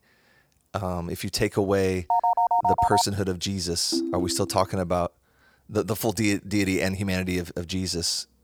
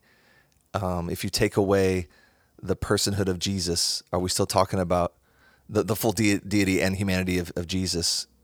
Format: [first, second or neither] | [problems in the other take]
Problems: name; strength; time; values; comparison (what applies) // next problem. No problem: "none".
second | phone ringing; loud; at 2 s; peak 4 dB above the speech // phone ringing; noticeable; at 4 s; peak 2 dB below the speech